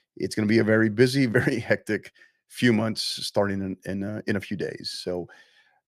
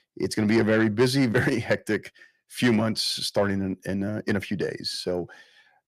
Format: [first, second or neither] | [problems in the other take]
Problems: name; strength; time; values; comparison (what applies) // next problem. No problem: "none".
first | distortion; slight; 10 dB below the speech